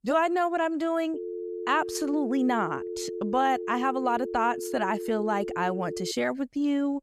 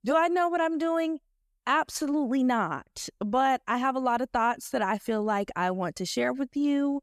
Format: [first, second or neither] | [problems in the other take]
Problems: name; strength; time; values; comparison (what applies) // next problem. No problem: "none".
second | phone ringing; noticeable; from 1 to 6 s; peak 7 dB below the speech